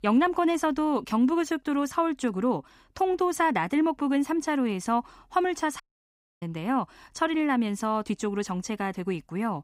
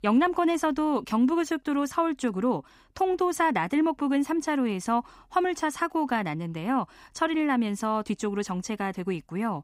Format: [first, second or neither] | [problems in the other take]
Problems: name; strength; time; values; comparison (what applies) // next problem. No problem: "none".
second | audio cutting out; at 6 s for 0.5 s